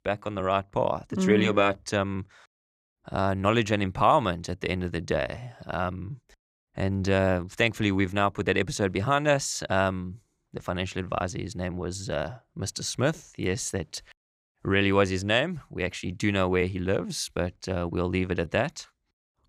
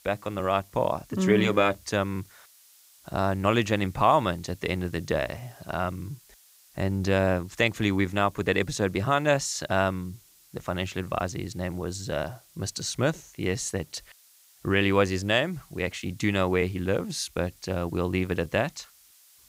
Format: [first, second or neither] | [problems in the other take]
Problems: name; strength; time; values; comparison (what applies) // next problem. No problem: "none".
first | hiss; faint; throughout; 25 dB below the speech